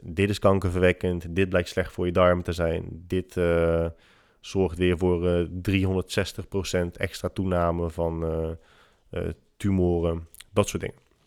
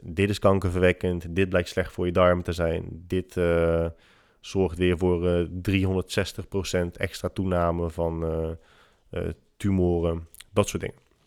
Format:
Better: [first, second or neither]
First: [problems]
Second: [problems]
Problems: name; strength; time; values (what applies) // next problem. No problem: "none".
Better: neither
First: none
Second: none